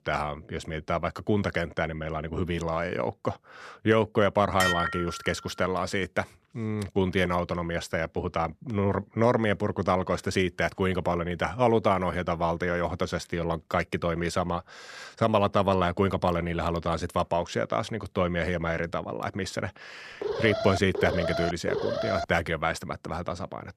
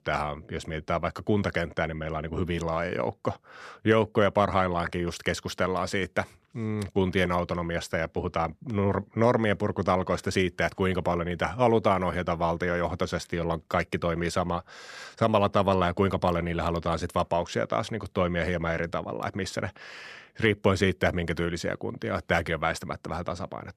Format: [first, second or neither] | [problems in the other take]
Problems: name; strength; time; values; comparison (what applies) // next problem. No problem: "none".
second | clattering dishes; loud; at 4.5 s; peak 2 dB above the speech // alarm; noticeable; from 20 to 22 s; peak 2 dB below the speech